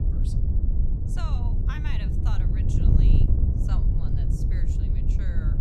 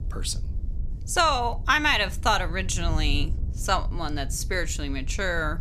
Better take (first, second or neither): second